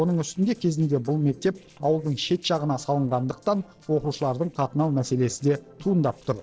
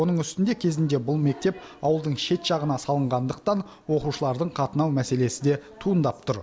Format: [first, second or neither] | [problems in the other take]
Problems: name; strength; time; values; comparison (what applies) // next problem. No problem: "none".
second | noise reduction (neural separator model SepFormer DNS4)